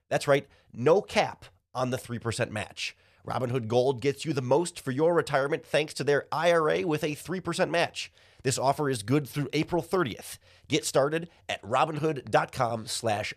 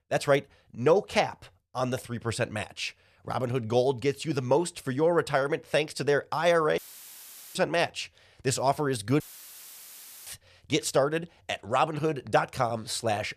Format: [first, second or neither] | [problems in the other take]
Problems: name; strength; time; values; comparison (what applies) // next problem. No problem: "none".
first | audio cutting out; filled with static; at 7 s for 1 s and at 9 s for 1 s